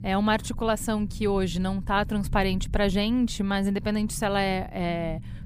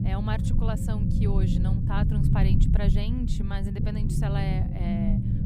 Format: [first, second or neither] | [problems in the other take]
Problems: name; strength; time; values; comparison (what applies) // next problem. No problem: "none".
first | low rumble; loud; throughout; as loud as the speech; faint in the first